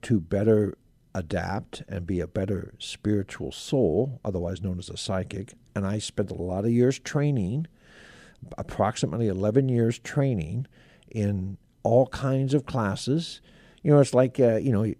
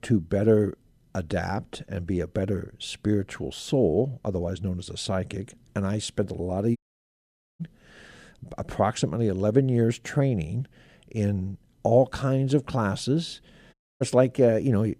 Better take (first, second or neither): first